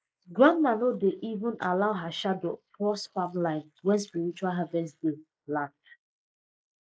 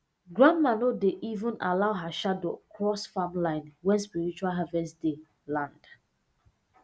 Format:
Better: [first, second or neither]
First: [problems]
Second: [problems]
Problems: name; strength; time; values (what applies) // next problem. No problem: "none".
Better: second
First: noise reduction (neural mask model Resemble Enhance denoiser)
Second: none